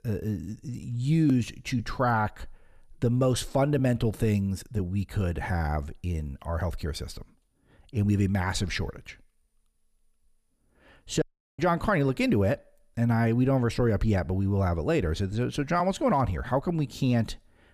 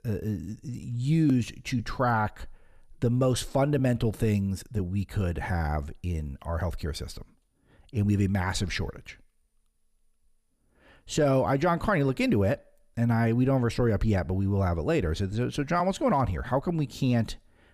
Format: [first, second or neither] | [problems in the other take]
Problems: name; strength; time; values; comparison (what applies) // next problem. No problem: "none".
second | audio cutting out; at 11 s